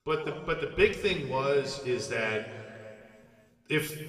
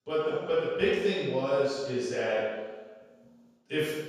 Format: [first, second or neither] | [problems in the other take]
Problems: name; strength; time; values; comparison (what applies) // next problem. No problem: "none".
first | room echo; strong; dies away in 1.2 s; slight in the first // off-mic speech; far; somewhat distant in the first